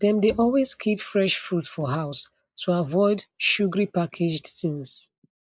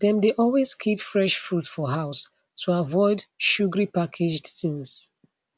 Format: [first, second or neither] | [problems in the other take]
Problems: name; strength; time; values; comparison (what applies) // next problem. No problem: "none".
second | noise reduction (neural mask model Resemble Enhance denoiser)